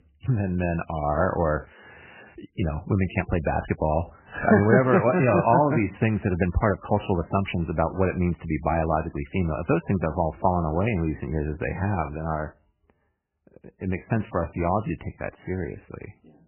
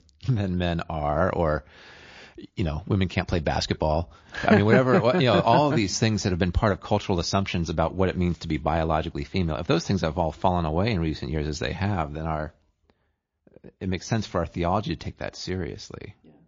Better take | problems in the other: second | garbled, watery; badly; nothing above 2.5 kHz; slightly in the second

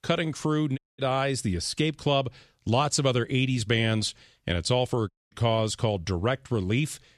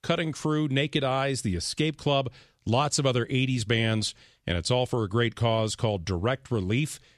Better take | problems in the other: second | audio cutting out; at 1 s and at 5 s

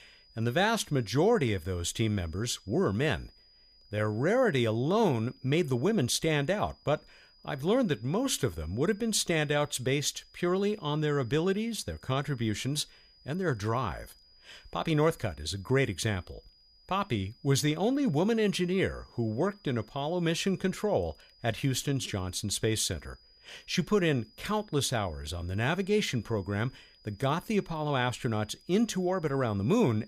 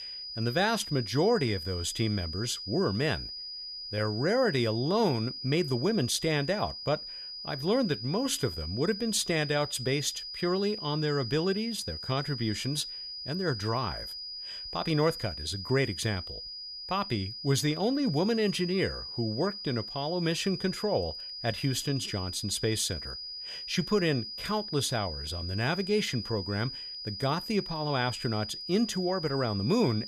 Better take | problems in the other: first | high-pitched whine; loud; throughout; 5 kHz, 7 dB below the speech; faint in the first

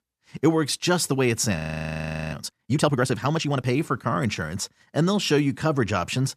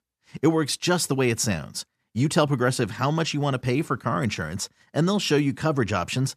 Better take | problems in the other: second | audio freezing; at 1.5 s for 0.5 s

